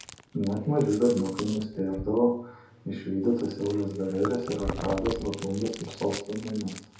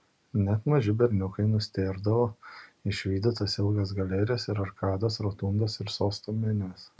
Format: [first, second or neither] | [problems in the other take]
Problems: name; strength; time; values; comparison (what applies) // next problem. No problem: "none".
second | background sound (Chewing, mastication); 12 dB below the speech // room echo; dies away in 0.6 s